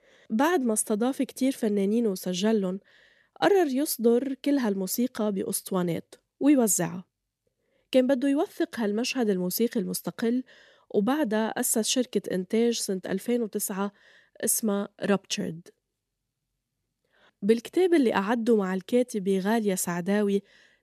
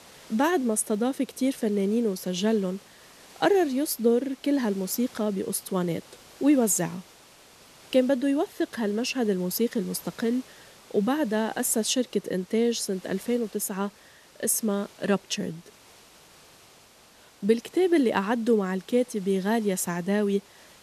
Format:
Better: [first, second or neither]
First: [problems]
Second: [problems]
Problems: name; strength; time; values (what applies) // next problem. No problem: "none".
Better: first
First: none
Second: hiss; faint; throughout; 25 dB below the speech